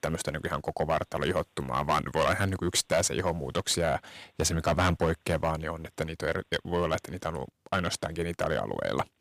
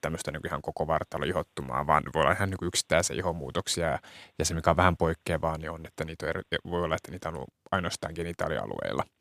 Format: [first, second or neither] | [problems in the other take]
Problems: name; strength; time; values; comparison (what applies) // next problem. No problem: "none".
second | distortion; heavy; 3% of the sound clipped